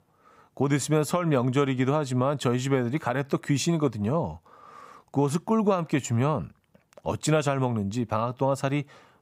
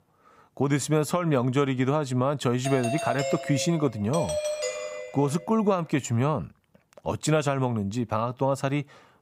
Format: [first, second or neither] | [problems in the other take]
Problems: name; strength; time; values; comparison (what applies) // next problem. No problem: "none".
first | doorbell; noticeable; from 2.5 to 5.5 s; peak 2 dB below the speech